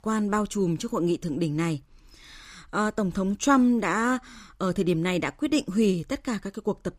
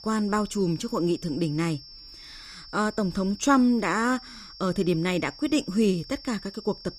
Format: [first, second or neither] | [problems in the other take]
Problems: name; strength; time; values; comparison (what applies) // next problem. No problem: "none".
first | high-pitched whine; noticeable; throughout; 5.5 kHz, 15 dB below the speech